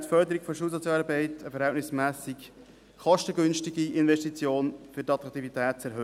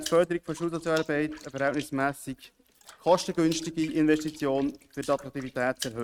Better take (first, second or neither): first